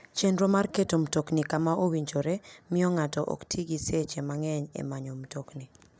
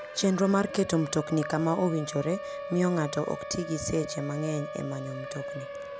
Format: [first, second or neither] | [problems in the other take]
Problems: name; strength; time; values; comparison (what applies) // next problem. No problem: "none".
first | background sound (Siren); 10 dB below the speech